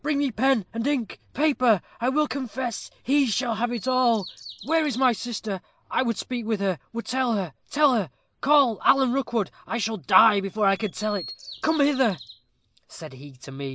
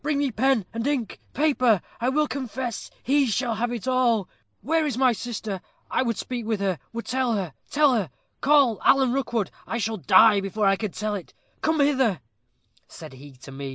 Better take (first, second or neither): second